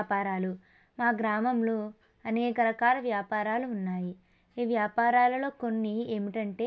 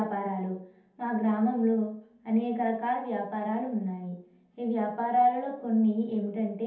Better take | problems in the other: first | room echo; dies away in 0.6 s

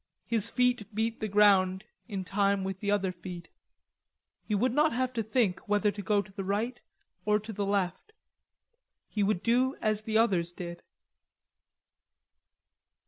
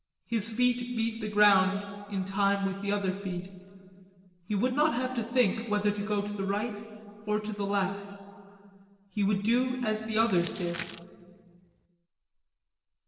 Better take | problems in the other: first | noise reduction (neural separator model SepFormer DNS4)

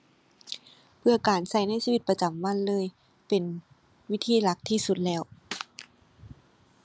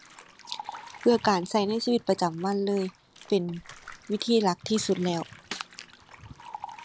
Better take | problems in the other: first | background sound (Liquid + Bathtub (filling or washing)); 18 dB below the speech

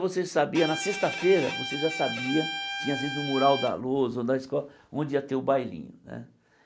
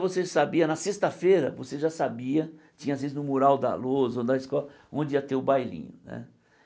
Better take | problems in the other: second | background sound (Bowed string instrument); 6 dB below the speech

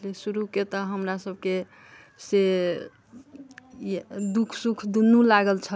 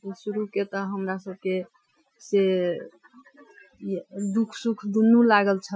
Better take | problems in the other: first | noise reduction (classical method Wiener filter)

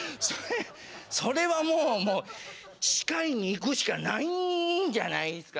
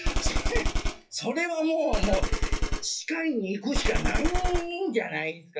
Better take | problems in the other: first | noise reduction (classical method WPE with log-MMSE)

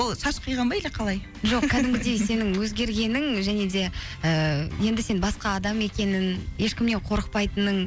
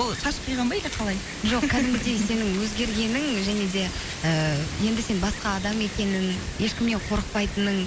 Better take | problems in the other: first | background sound (Wind); 10 dB below the speech

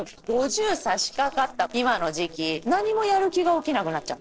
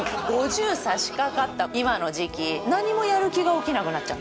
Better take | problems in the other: second | noise reduction (neural separator model SepFormer DNS4)

